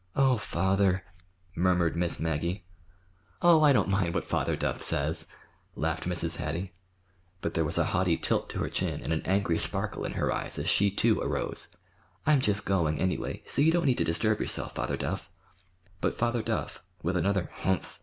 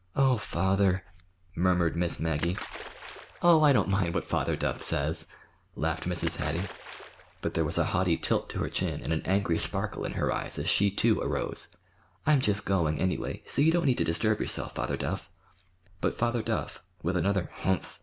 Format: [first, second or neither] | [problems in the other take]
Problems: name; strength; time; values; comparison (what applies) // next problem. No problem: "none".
first | background sound (Splash, splatter); 16 dB below the speech